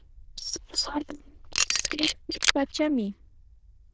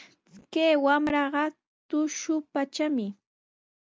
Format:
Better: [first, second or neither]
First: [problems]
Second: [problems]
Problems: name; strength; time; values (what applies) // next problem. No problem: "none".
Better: second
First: noise reduction (neural diffusion model UNIVERSE++)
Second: none